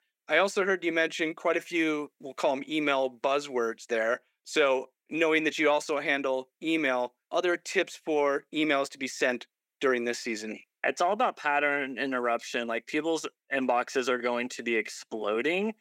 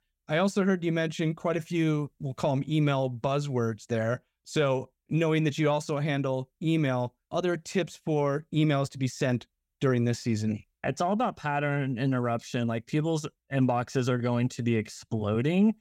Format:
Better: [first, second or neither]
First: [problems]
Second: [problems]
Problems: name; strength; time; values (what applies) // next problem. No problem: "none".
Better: second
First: thin; somewhat; fading below 300 Hz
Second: none